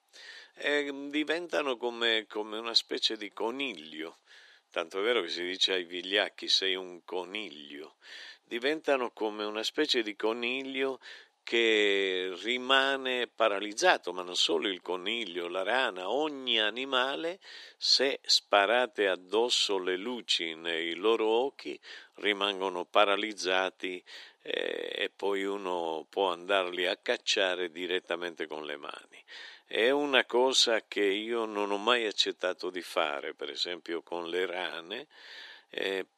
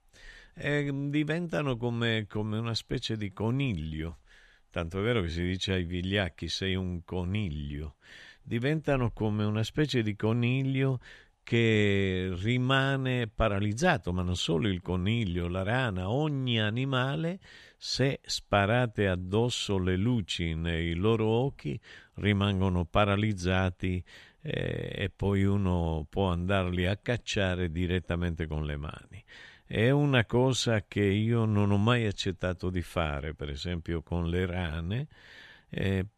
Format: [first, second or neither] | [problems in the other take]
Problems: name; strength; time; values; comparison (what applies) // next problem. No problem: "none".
second | thin; very; fading below 300 Hz